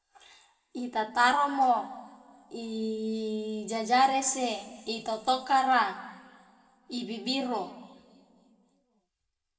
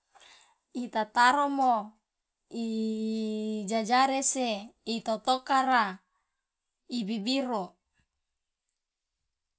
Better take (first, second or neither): second